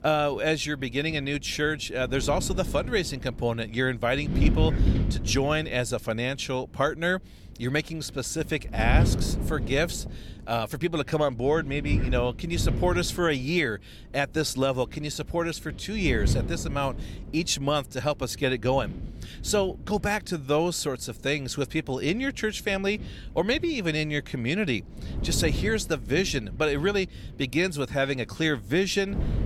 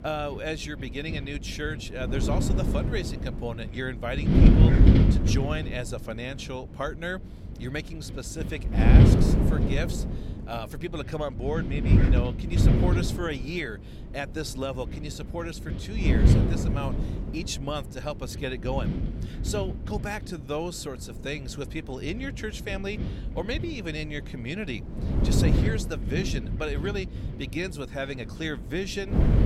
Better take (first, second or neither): first